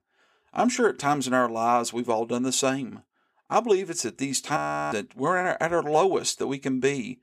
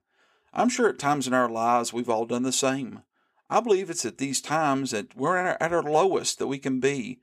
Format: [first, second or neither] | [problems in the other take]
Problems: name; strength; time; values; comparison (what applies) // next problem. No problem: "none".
second | audio freezing; at 4.5 s